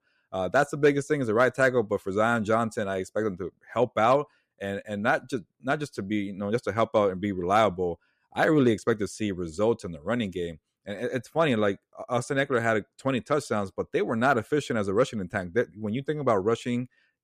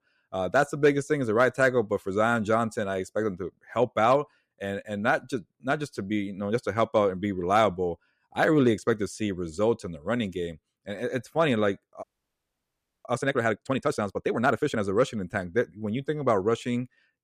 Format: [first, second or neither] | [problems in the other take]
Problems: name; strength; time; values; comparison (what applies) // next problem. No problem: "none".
first | audio freezing; at 12 s for 1 s